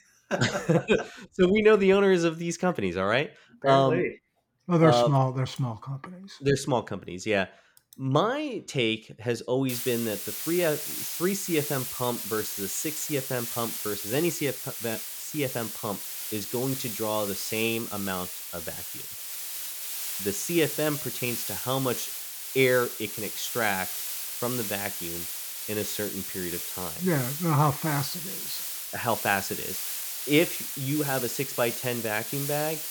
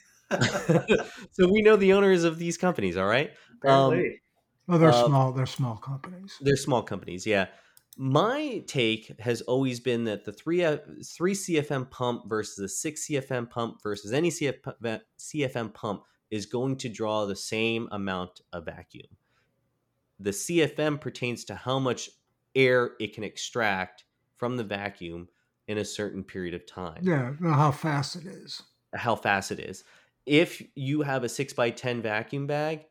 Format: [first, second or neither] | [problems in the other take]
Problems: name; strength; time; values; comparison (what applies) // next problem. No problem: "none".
second | hiss; loud; from 9.5 s on; 4 dB below the speech